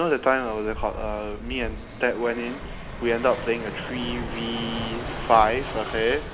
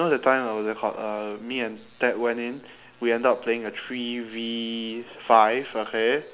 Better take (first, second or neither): second